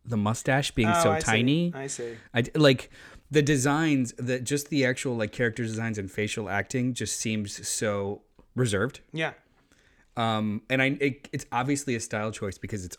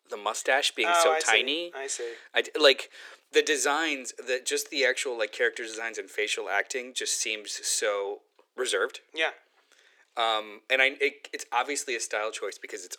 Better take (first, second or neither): first